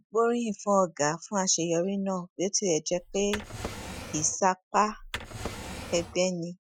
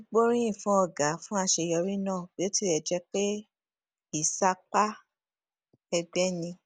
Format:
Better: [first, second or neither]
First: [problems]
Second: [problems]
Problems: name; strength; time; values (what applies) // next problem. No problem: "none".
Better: second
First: noise reduction (classical method Wiener filter)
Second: none